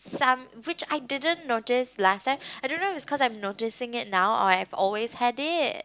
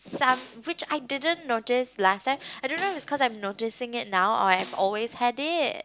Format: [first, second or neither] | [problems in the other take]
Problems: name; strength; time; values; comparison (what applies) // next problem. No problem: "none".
first | background sound (Snare drum); 20 dB below the speech